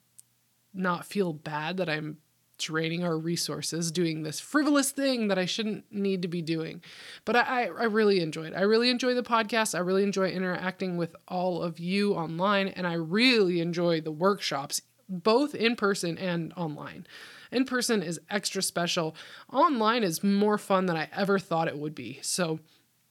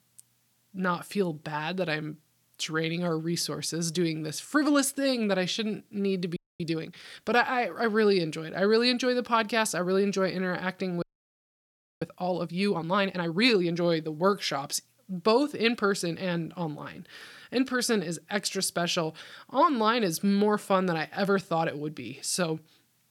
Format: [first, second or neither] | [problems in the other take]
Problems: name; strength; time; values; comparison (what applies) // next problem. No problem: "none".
first | audio freezing; at 6.5 s and at 11 s for 1 s